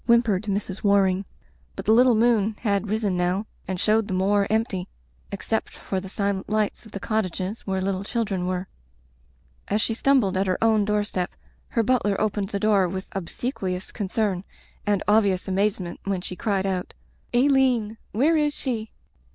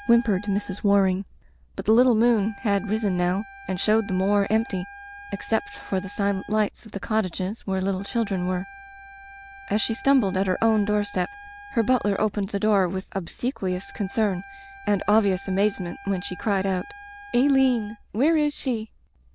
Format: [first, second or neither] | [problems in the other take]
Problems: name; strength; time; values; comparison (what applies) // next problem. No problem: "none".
first | background sound (Wind instrument, woodwind instrument); 20 dB below the speech